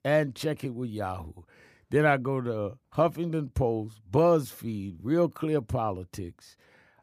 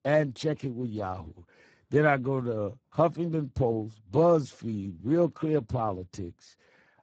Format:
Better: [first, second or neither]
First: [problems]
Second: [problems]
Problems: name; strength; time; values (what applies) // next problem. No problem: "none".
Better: first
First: none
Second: garbled, watery; badly; nothing above 7.5 kHz